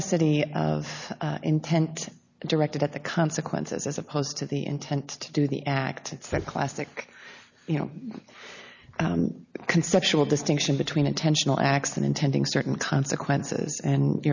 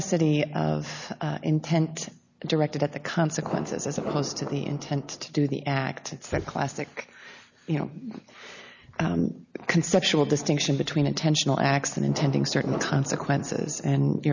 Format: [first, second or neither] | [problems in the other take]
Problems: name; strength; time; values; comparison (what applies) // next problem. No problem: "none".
first | background sound (Fireworks); 10 dB below the speech